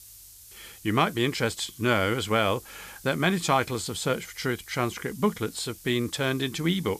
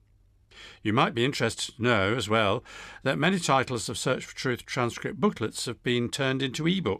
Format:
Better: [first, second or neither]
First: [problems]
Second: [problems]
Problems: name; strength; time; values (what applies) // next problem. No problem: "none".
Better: second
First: hiss; noticeable; throughout; 20 dB below the speech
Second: none